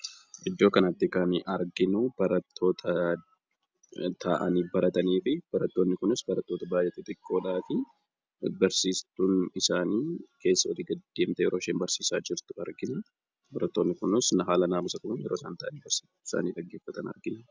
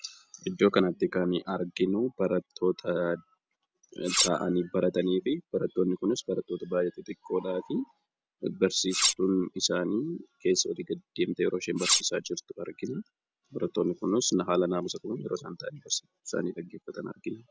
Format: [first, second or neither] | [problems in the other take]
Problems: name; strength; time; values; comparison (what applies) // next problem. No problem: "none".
first | background sound (Cutlery, silverware); 1 dB above the speech